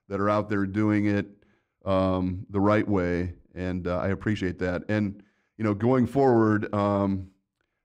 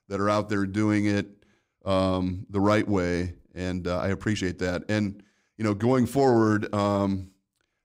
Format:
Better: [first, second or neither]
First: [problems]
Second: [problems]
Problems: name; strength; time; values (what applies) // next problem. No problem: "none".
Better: second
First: muffled; slightly; fading above 3.5 kHz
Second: none